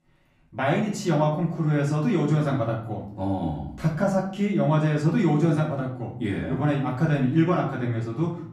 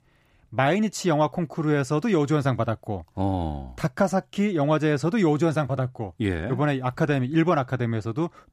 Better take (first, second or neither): second